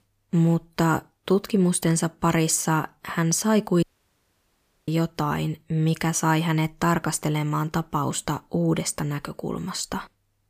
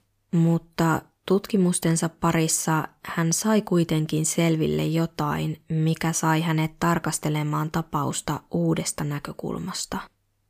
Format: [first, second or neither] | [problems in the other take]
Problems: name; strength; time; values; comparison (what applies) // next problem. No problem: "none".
second | audio cutting out; at 4 s for 1 s